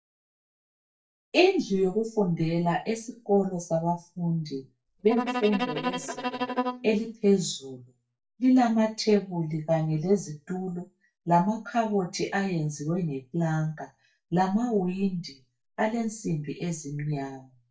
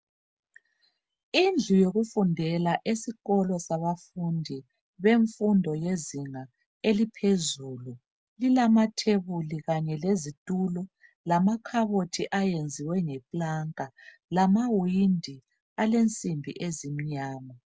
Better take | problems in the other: second | noise reduction (neural mask model DeepFilterNet 3)

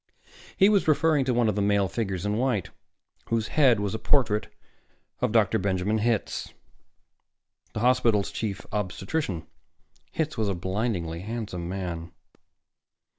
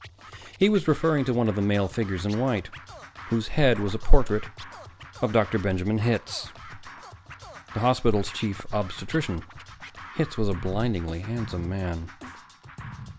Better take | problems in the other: first | background sound (Scratching (performance technique)); 18 dB below the speech

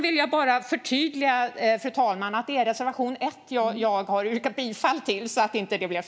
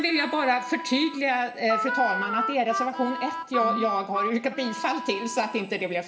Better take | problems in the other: first | background sound (Harmonica); 5 dB below the speech // room echo; dies away in 1.1 s

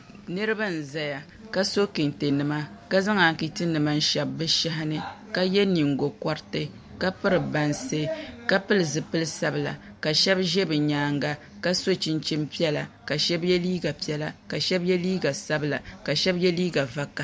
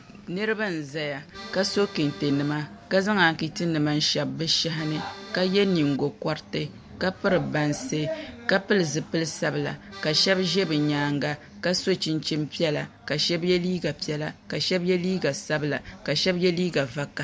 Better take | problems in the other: first | background sound (Accordion); 15 dB below the speech

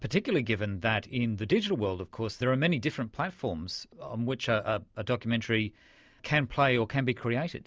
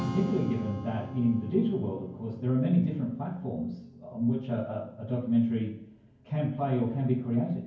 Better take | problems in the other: first | background sound (Strum); 14 dB below the speech // room echo; dies away in 0.9 s

